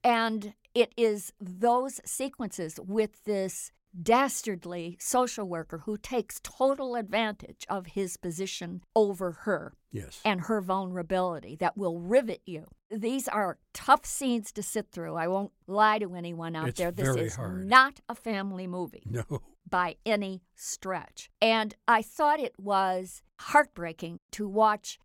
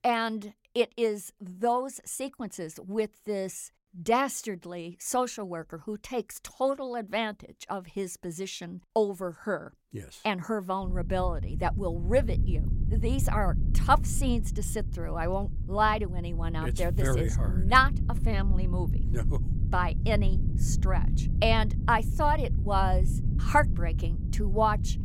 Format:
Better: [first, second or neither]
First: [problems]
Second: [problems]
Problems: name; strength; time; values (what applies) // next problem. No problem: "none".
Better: first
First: none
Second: low rumble; noticeable; from 11 s on; 15 dB below the speech